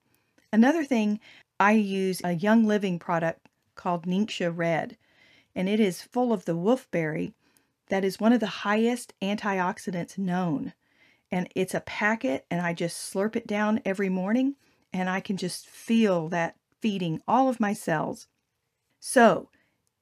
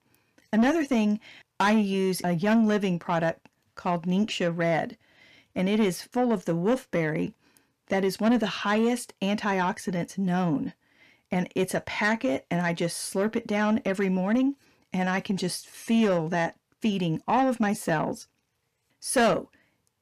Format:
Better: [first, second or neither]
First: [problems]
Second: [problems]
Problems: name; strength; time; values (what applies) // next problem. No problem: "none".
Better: first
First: none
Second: distortion; slight; 10 dB below the speech